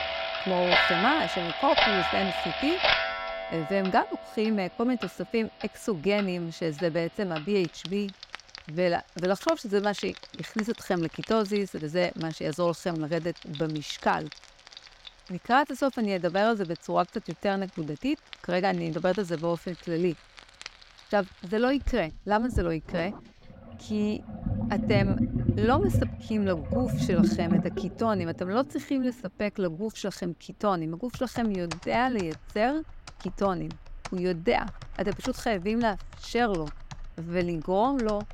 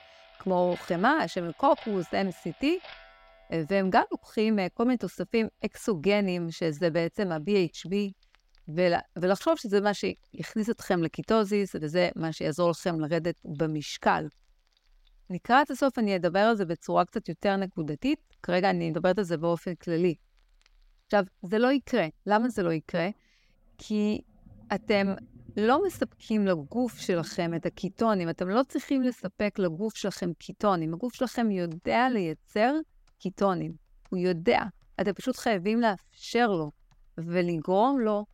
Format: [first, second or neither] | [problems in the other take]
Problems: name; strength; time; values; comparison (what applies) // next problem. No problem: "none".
second | household noises; loud; throughout; 2 dB below the speech; faint in the second